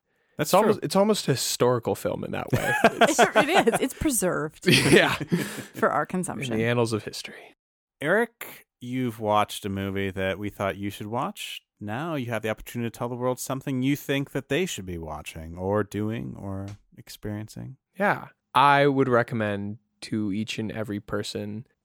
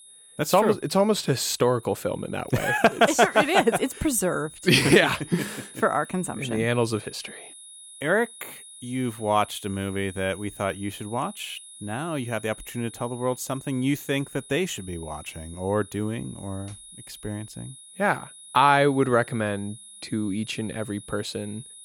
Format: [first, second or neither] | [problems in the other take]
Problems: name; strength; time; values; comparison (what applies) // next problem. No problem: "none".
first | high-pitched whine; noticeable; throughout; 10.5 kHz, 20 dB below the speech